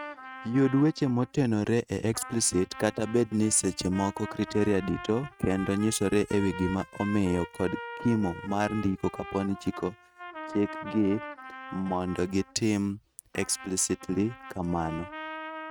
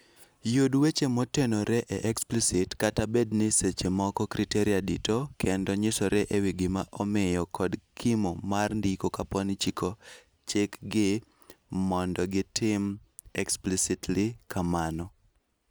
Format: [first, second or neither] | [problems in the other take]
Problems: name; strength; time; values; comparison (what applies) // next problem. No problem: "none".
second | noise reduction (neural mask model RNNoise)